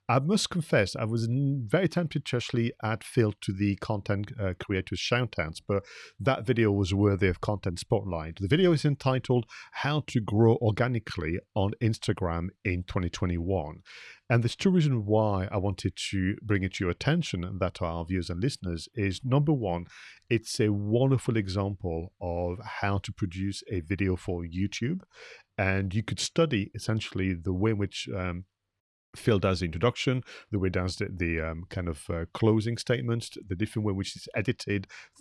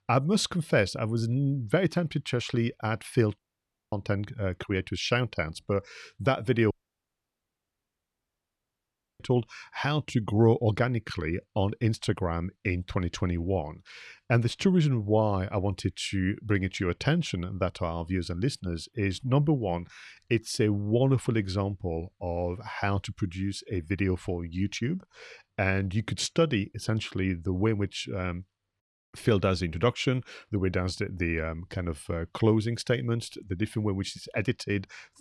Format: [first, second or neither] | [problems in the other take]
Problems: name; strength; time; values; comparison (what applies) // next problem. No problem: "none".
first | audio cutting out; at 3.5 s for 0.5 s and at 6.5 s for 2.5 s